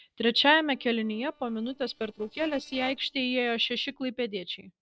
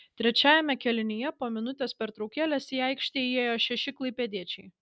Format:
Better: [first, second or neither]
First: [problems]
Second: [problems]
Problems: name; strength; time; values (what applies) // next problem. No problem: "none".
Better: second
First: noise reduction (neural separator model SepFormer DNS4)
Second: none